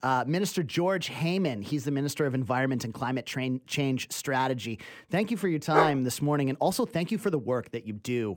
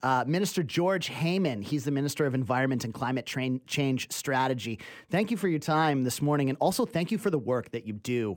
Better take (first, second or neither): second